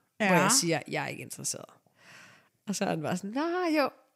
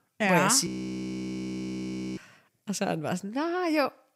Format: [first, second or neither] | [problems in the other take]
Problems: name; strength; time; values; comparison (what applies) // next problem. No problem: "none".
first | audio freezing; at 0.5 s for 1.5 s